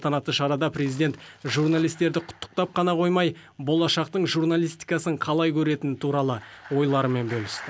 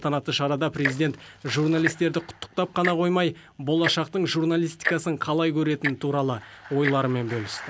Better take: first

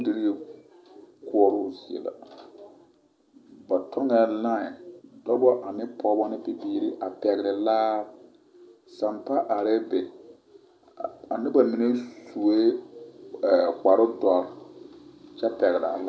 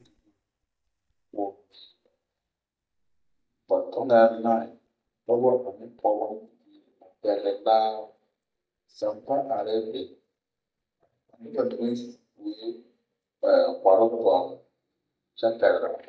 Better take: first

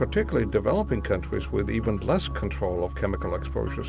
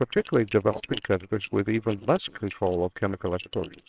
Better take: first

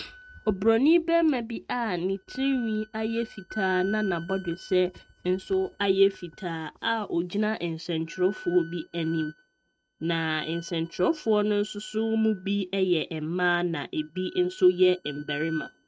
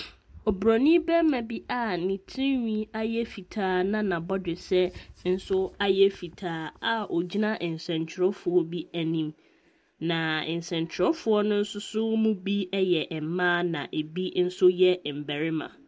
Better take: second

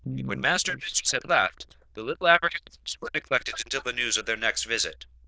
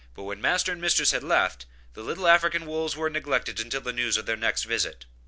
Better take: second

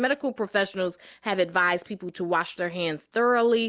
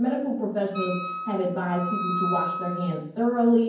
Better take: first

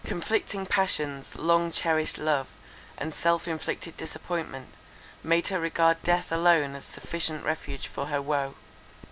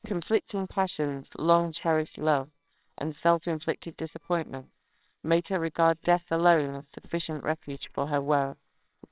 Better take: first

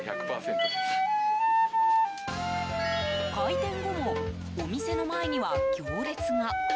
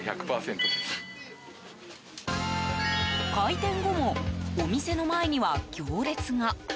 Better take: second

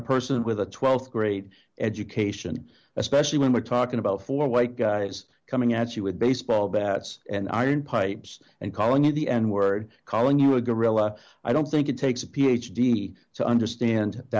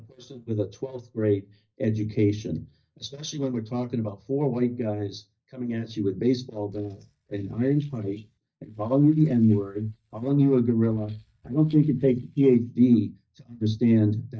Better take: first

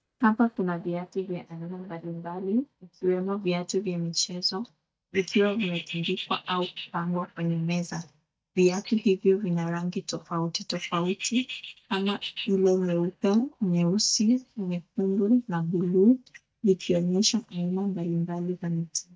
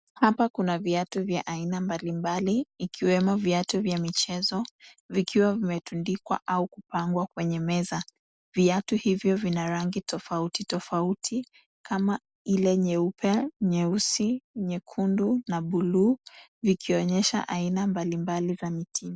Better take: second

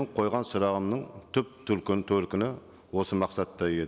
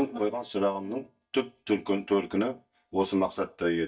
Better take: first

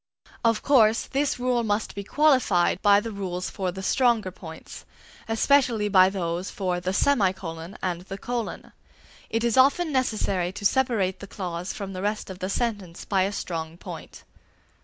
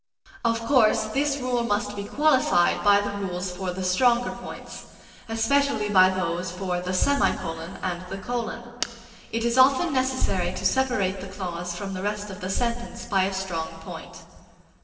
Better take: first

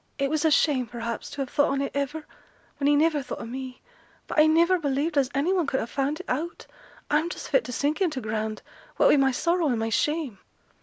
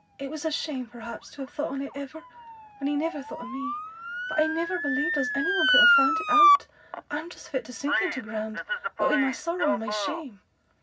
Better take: first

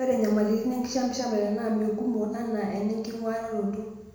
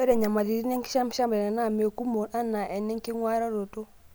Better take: second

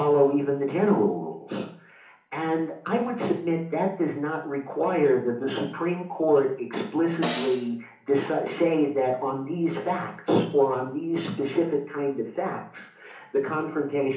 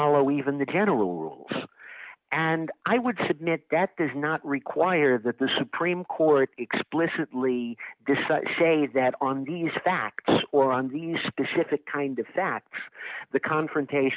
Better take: second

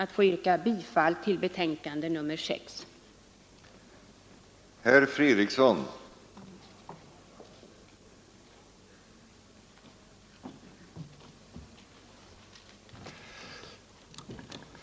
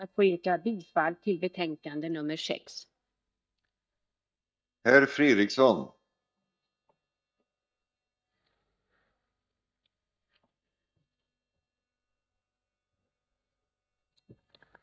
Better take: first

